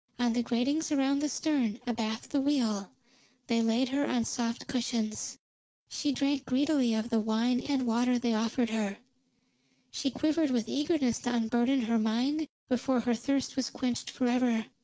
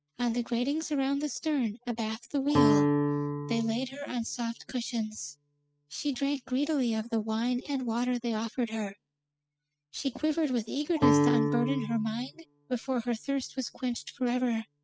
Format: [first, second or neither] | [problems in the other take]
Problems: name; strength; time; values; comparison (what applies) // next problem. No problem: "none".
first | noise reduction (classical method spectral subtraction)